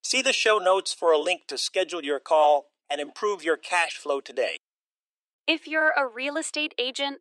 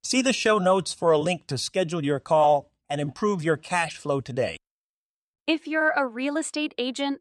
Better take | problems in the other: second | thin; somewhat; fading below 350 Hz

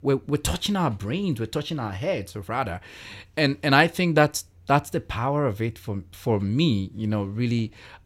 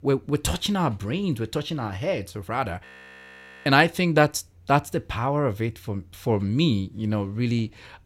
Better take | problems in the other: first | audio freezing; at 3 s for 1 s

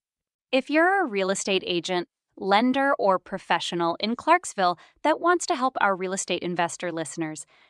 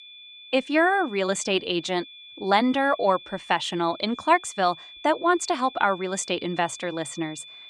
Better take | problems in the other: first | high-pitched whine; noticeable; throughout; 3.5 kHz, 20 dB below the speech

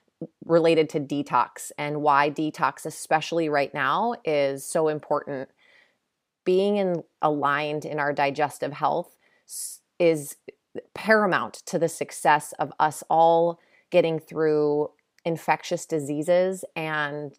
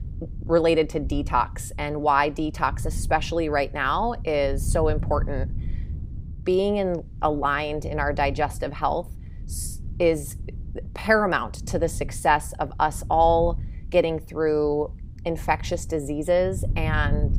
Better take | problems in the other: first | wind noise on the microphone; occasional gusts; 25 dB below the speech

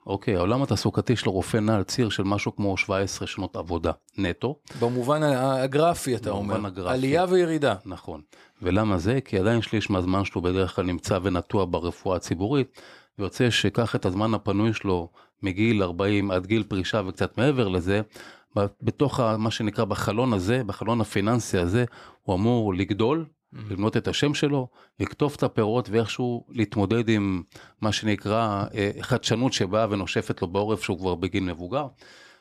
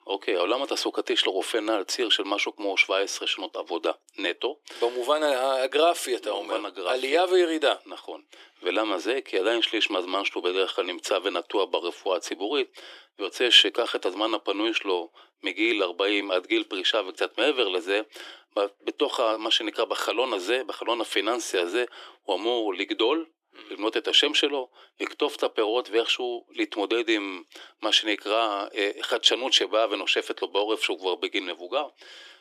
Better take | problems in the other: first | thin; very; fading below 300 Hz

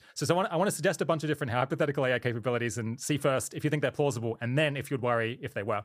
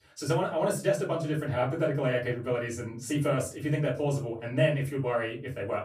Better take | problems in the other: first | off-mic speech; far // room echo; slight; dies away in 0.3 s

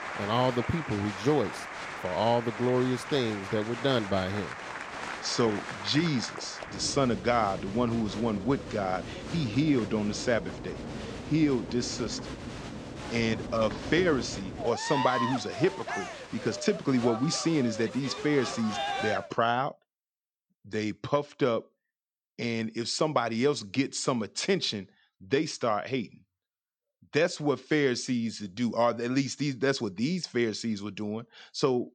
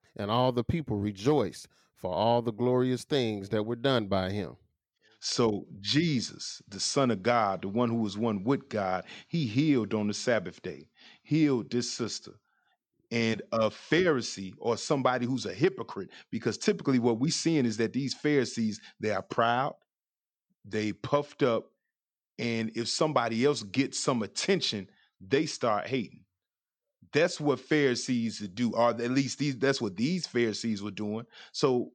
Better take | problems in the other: second | crowd noise; loud; until 19 s; 8 dB below the speech

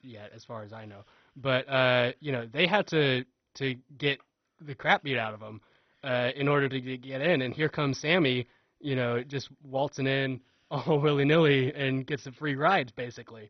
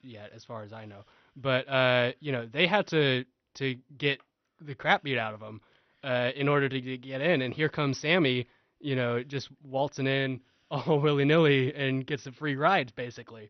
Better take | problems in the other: second | garbled, watery; badly; nothing above 6 kHz; slightly in the second

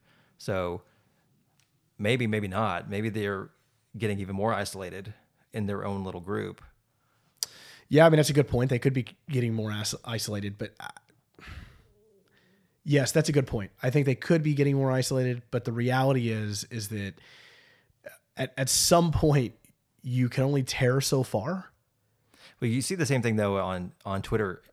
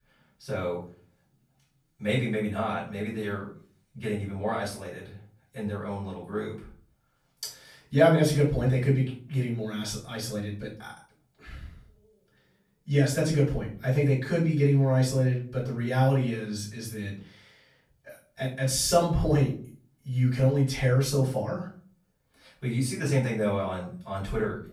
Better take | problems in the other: first | room echo; slight; dies away in 0.4 s // off-mic speech; far

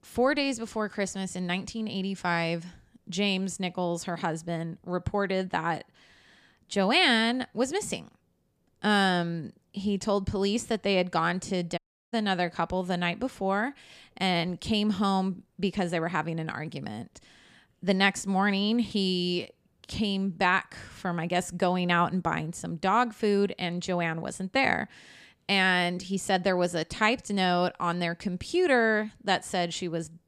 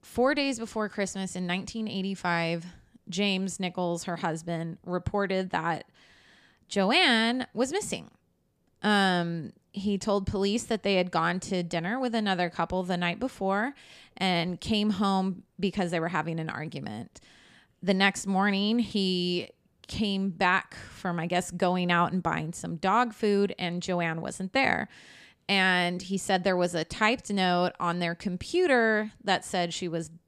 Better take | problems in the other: second | audio cutting out; at 12 s

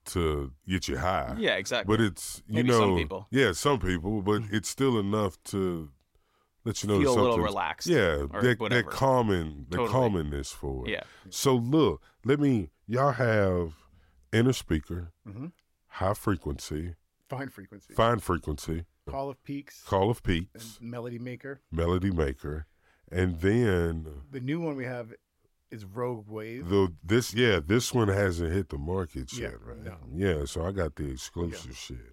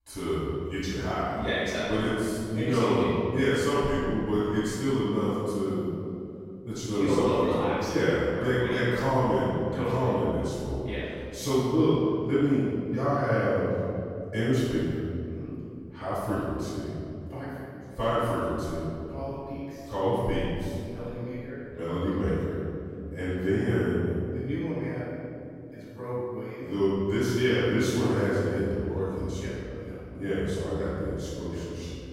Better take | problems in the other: first | off-mic speech; far // room echo; strong; dies away in 2.6 s

